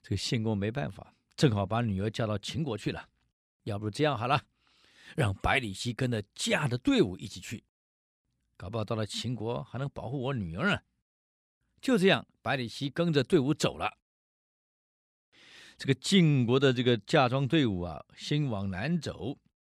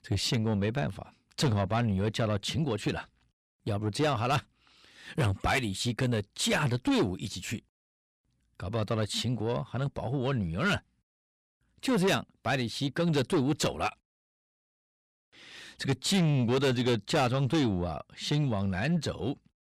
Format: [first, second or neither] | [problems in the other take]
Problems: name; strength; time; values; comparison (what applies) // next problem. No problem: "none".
first | distortion; heavy; 8 dB below the speech